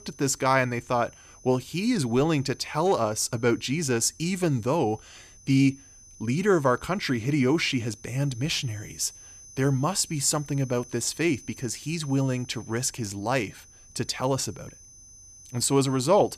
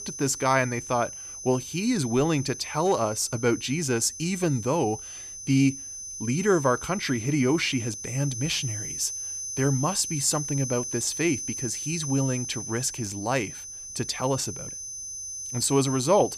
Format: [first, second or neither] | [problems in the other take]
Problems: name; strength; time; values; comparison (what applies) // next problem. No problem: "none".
first | high-pitched whine; loud; throughout; 6 kHz, 7 dB below the speech; faint in the first